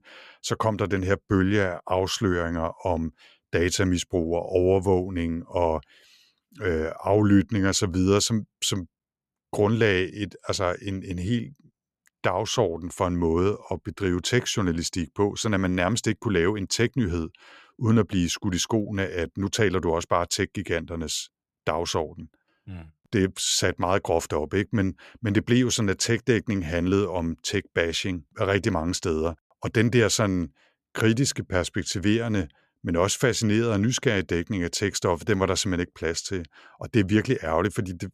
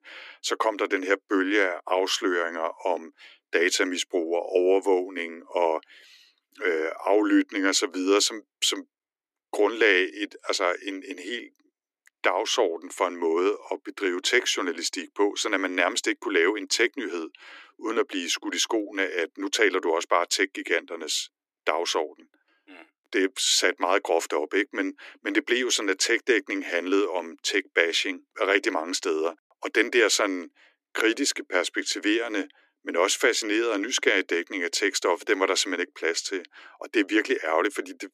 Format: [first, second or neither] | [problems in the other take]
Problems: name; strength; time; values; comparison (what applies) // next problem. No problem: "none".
first | thin; somewhat; fading below 300 Hz